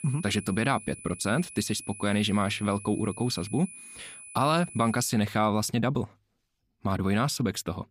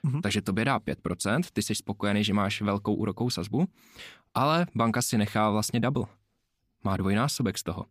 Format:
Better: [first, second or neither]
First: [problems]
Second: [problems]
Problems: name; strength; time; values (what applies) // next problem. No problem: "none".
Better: second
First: high-pitched whine; noticeable; until 5 s; 10 kHz, 15 dB below the speech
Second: none